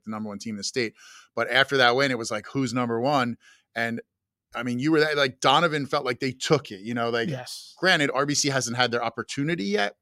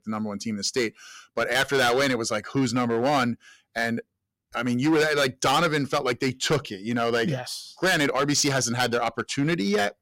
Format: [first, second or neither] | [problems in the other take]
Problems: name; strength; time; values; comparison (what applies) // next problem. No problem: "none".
first | distortion; heavy; 8% of the sound clipped